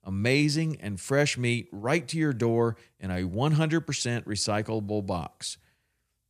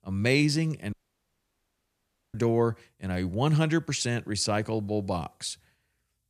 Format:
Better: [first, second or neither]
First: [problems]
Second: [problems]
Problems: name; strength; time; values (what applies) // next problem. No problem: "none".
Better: first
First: none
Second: audio cutting out; at 1 s for 1.5 s